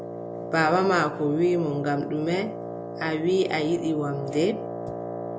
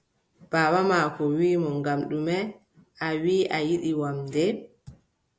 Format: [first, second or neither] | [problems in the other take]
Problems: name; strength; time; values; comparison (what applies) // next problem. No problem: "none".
second | background sound (Wind instrument, woodwind instrument); 8 dB below the speech